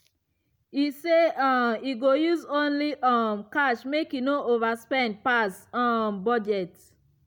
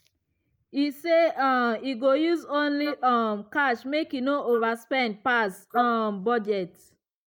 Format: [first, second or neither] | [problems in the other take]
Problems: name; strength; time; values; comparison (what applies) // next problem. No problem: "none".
first | noise reduction (neural mask model Resemble Enhance denoiser)